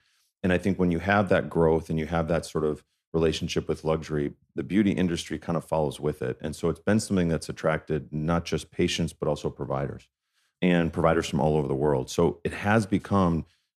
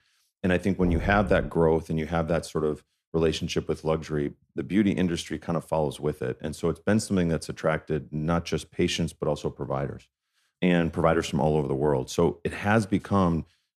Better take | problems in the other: first | door banging; noticeable; at 1 s; peak 6 dB below the speech

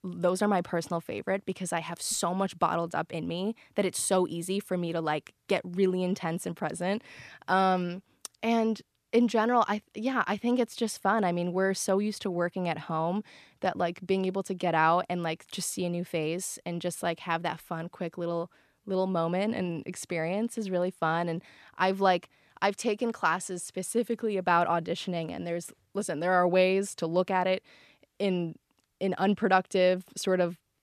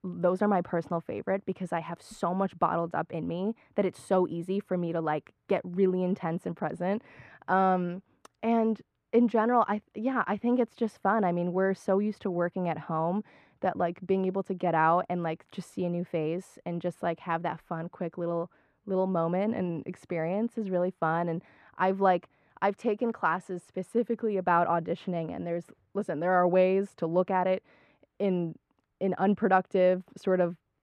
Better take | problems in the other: first | muffled; very; fading above 3 kHz

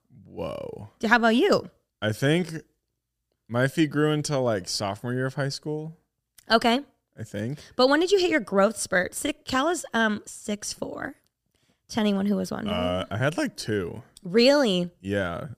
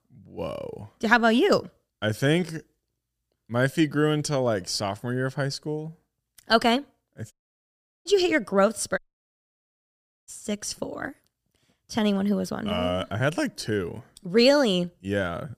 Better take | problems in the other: first | audio cutting out; at 7.5 s for 0.5 s and at 9 s for 1.5 s

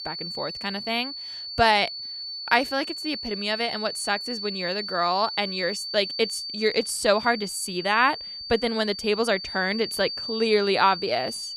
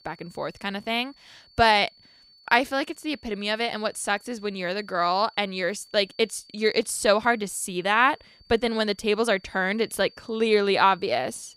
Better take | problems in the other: second | high-pitched whine; loud; throughout; 4.5 kHz, 7 dB below the speech; faint in the second

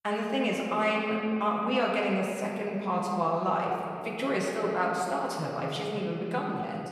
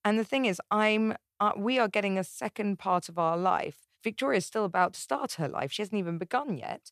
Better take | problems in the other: second | room echo; noticeable; dies away in 2.7 s // off-mic speech; far

